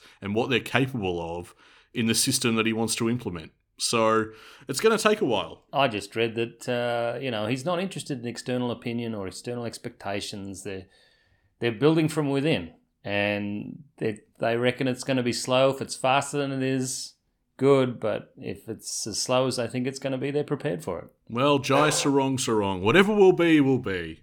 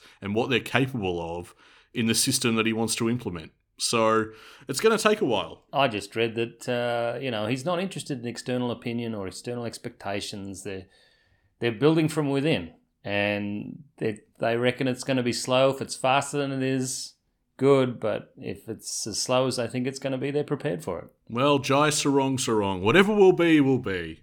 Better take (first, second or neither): second